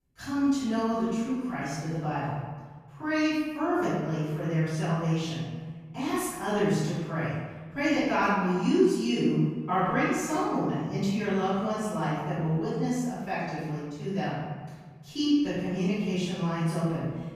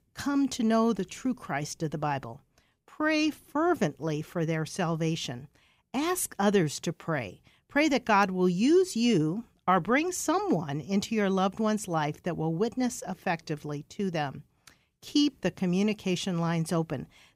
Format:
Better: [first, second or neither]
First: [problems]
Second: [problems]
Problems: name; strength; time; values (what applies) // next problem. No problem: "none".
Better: second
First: room echo; strong; dies away in 1.5 s // off-mic speech; far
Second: none